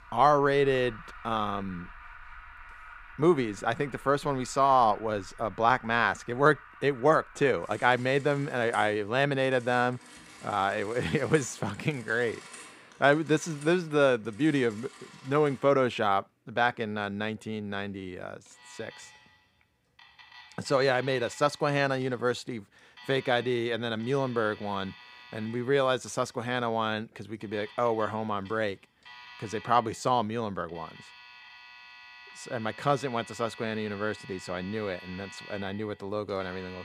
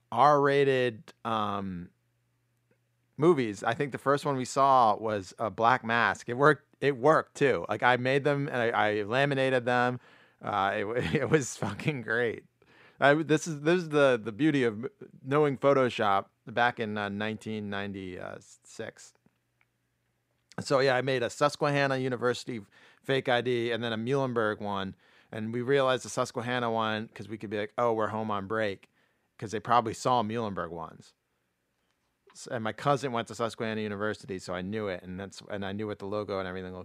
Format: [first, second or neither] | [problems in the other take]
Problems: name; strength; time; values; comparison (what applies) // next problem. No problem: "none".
second | alarms or sirens; faint; throughout; 20 dB below the speech